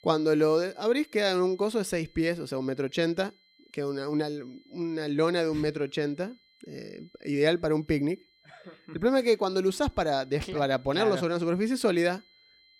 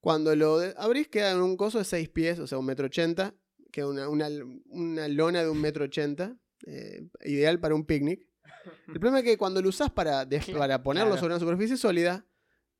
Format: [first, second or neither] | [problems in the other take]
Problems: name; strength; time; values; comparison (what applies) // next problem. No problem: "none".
second | high-pitched whine; faint; throughout; 4 kHz, 30 dB below the speech